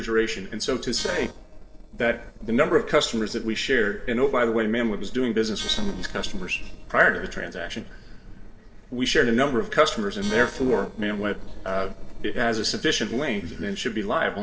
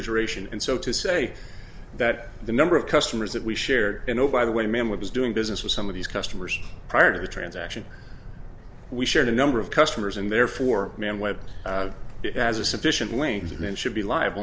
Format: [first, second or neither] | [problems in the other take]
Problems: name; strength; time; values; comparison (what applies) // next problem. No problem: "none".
second | noise reduction (neural separator model SepFormer DNS4)